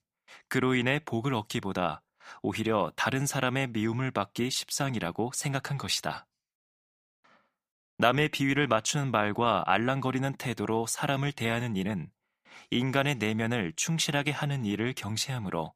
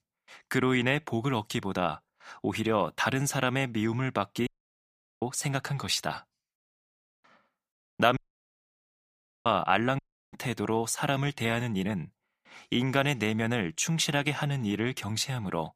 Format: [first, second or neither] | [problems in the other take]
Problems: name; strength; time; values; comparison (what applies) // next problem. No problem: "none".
first | audio cutting out; at 4.5 s for 1 s, at 8 s for 1.5 s and at 10 s